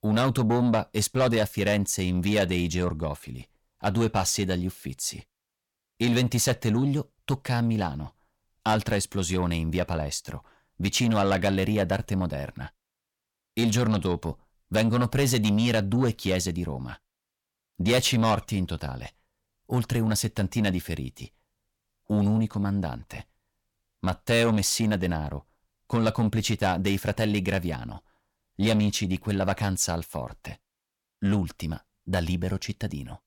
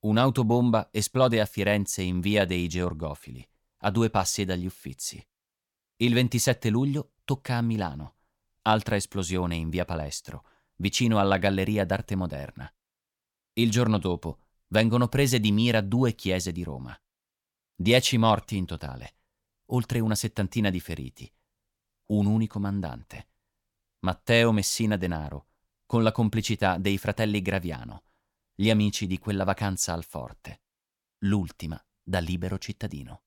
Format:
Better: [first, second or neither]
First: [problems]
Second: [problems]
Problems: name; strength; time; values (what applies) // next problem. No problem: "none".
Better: second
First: distortion; slight; 10 dB below the speech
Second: none